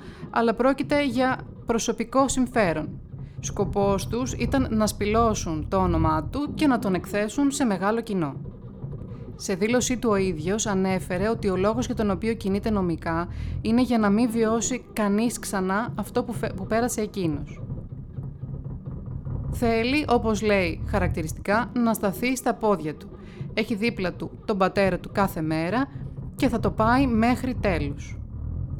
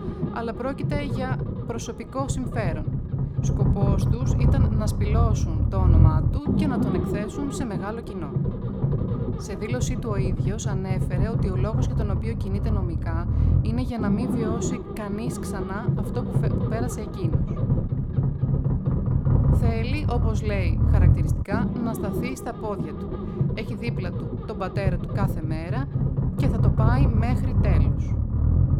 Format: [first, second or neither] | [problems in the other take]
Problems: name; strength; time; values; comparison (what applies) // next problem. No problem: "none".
first | low rumble; loud; throughout; 1 dB below the speech; faint in the first